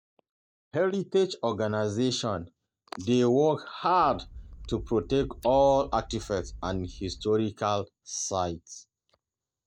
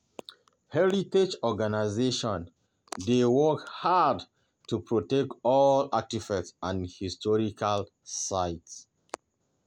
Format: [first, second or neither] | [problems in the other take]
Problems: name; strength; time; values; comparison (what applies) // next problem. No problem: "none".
second | noise reduction (neural mask model DeepFilterNet 3)